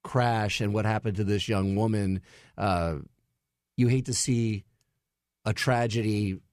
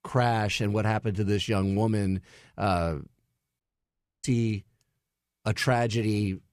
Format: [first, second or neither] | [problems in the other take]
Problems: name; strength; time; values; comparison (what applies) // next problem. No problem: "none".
first | audio cutting out; at 3.5 s for 0.5 s